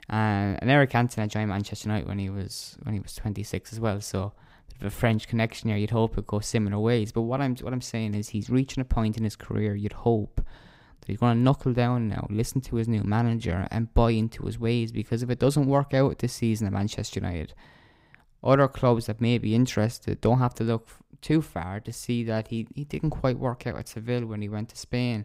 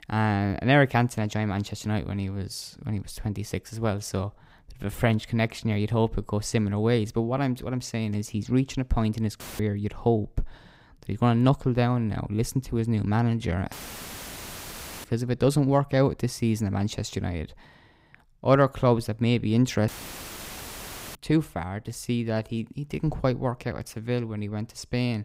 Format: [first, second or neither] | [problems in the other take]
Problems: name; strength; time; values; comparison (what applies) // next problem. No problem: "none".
first | audio cutting out; filled with static; at 9.5 s, at 14 s for 1.5 s and at 20 s for 1.5 s